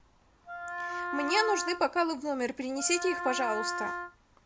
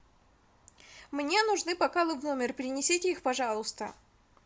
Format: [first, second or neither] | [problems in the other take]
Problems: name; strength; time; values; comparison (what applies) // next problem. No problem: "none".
second | background sound (Wind instrument, woodwind instrument); 5 dB below the speech